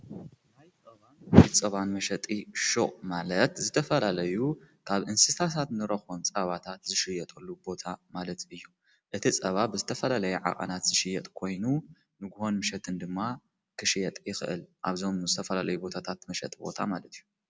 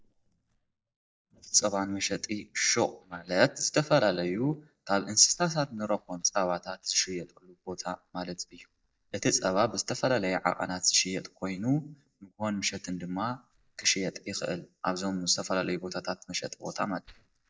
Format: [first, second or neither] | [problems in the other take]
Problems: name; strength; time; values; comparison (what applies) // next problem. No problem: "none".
first | noise reduction (neural mask model DeepFilterNet 3)